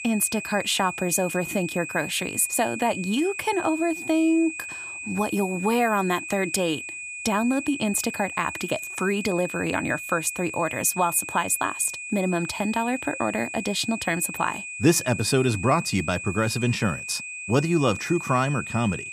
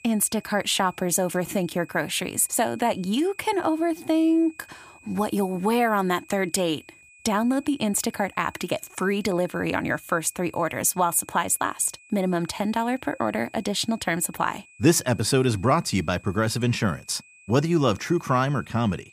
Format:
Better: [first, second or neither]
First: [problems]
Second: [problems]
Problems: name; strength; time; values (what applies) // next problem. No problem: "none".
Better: second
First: high-pitched whine; loud; throughout; 2.5 kHz, 8 dB below the speech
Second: high-pitched whine; faint; throughout; 2.5 kHz, 25 dB below the speech